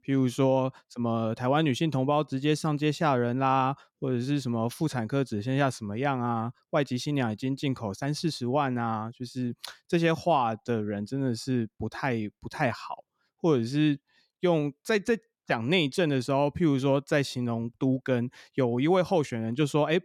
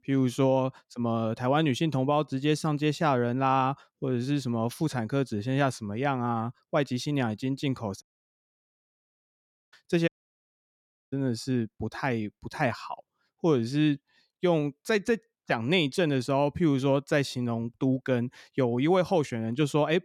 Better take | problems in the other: first | audio cutting out; at 8 s for 1.5 s and at 10 s for 1 s

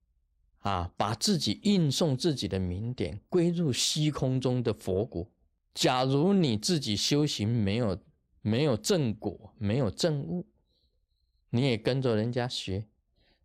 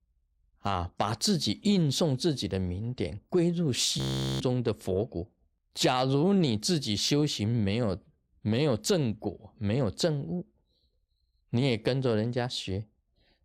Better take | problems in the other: first | audio freezing; at 4 s

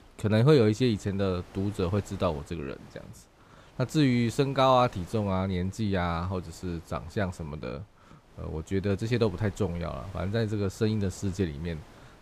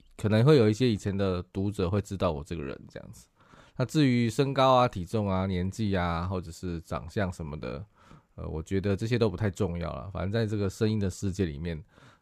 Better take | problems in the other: second | wind noise on the microphone; occasional gusts; 25 dB below the speech

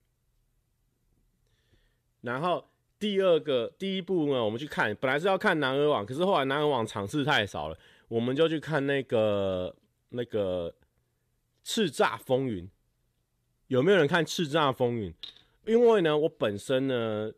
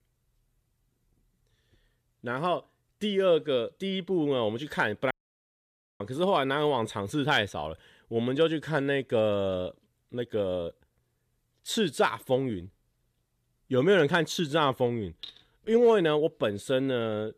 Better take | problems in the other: first | audio cutting out; at 5 s for 1 s

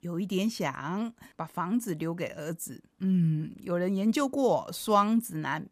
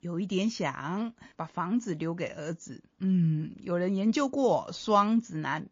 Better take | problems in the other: first | garbled, watery; slightly

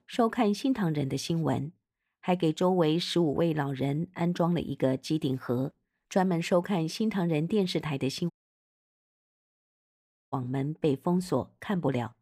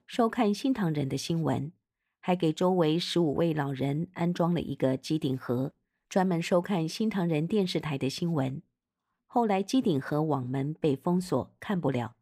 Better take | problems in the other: second | audio cutting out; at 8.5 s for 2 s

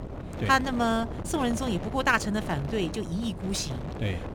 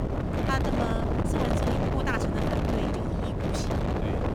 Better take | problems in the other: first | wind noise on the microphone; heavy; 4 dB above the speech; occasional gusts in the first

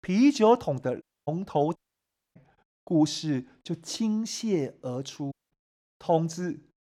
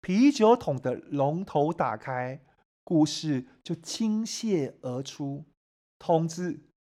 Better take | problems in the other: second | audio cutting out; at 1 s, at 2 s for 0.5 s and at 5.5 s

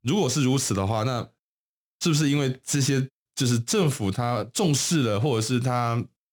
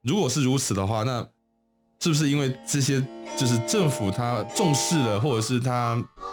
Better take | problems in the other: first | background music; noticeable; throughout; 10 dB below the speech

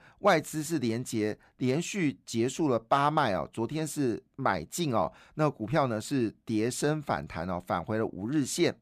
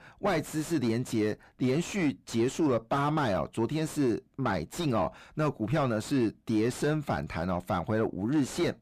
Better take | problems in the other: first | distortion; heavy; 7 dB below the speech

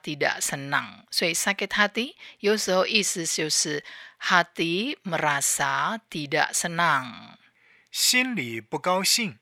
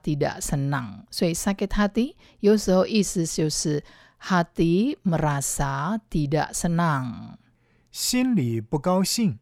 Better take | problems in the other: second | thin; somewhat; fading below 850 Hz

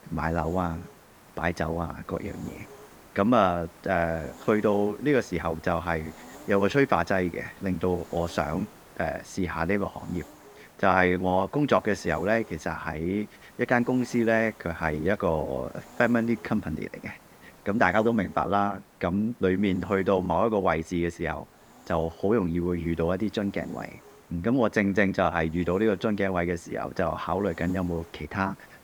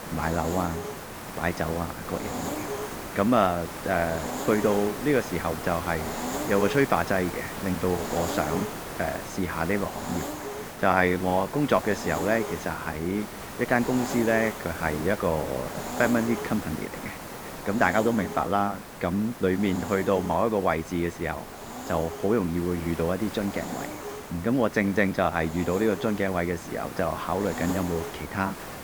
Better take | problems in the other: first | hiss; loud; throughout; 8 dB below the speech; faint in the first

